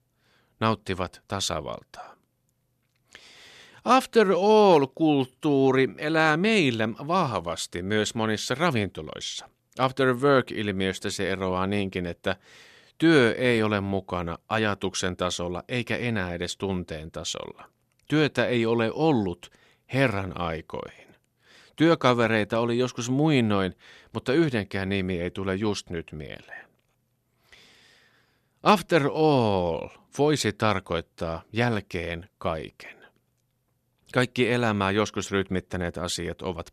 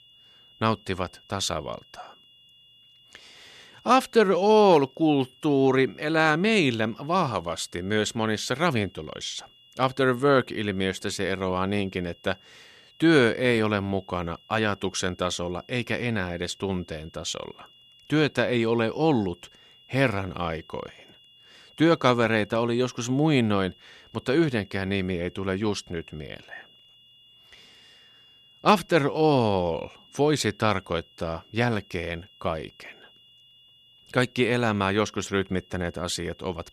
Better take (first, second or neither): first